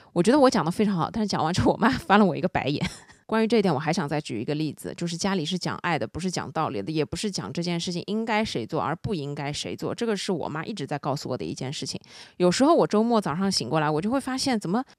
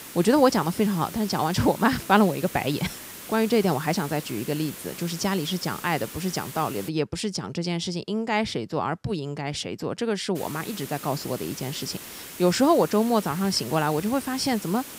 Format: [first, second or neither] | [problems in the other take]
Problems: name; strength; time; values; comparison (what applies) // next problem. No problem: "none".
first | hiss; noticeable; until 7 s and from 10 s on; 15 dB below the speech